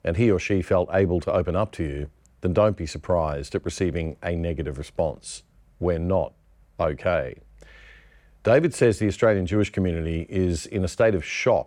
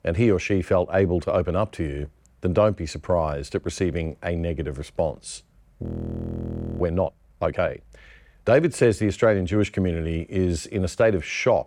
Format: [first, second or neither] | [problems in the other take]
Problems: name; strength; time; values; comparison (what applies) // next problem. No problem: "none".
first | audio freezing; at 6 s for 1 s